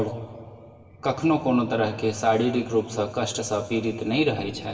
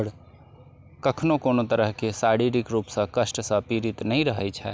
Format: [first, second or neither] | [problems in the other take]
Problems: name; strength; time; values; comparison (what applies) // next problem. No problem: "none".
second | room echo; dies away in 2.2 s